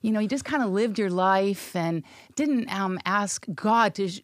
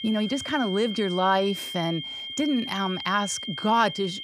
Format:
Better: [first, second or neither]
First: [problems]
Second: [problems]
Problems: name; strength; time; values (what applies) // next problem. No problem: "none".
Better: first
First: none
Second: high-pitched whine; loud; throughout; 3 kHz, 7 dB below the speech